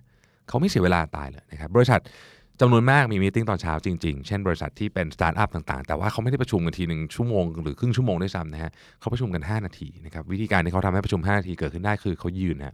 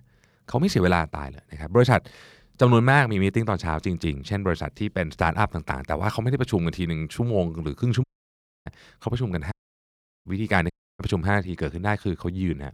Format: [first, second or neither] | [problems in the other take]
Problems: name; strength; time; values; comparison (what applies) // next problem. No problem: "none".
first | audio cutting out; at 8 s for 0.5 s, at 9.5 s for 0.5 s and at 11 s